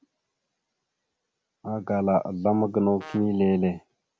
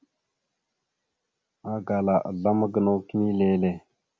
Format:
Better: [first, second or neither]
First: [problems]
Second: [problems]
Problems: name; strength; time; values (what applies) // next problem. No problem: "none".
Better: second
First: background sound (Brass instrument); 18 dB below the speech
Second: none